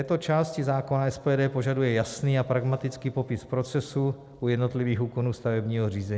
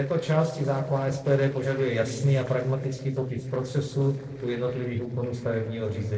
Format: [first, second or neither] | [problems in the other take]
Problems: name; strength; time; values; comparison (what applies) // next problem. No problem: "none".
first | noise reduction (neural separator model SepFormer DNS4)